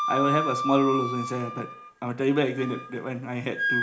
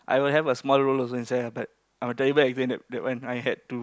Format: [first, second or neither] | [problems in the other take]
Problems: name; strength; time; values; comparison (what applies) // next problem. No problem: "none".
second | background sound (Wind instrument, woodwind instrument); 4 dB below the speech // room echo; dies away in 0.4 s